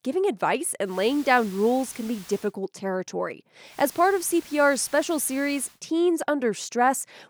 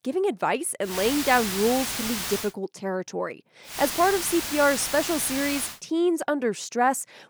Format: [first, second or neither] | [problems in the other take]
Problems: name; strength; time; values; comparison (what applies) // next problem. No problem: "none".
first | hiss; loud; from 1 to 2.5 s and from 3.5 to 5.5 s; 4 dB below the speech; faint in the first